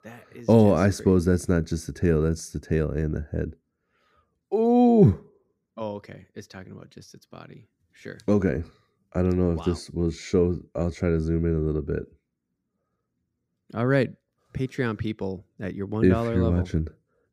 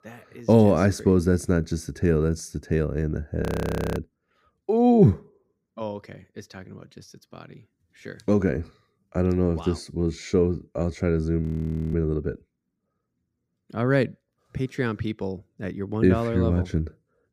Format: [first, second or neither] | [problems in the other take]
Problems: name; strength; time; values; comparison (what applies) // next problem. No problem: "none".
first | audio freezing; at 3.5 s for 0.5 s and at 11 s for 0.5 s